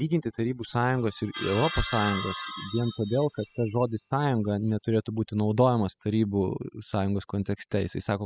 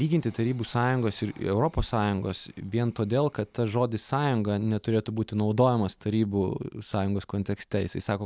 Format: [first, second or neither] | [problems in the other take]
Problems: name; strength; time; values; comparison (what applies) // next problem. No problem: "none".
second | noise reduction (classical method spectral subtraction)